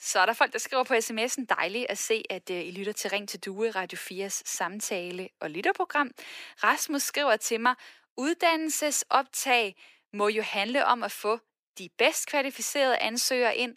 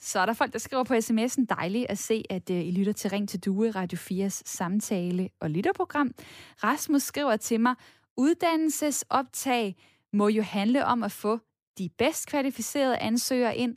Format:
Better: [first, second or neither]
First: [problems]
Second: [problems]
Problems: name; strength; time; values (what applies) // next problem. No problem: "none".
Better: second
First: thin; somewhat; fading below 500 Hz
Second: none